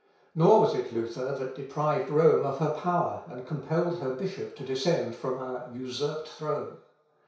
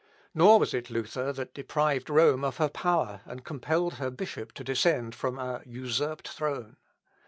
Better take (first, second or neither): second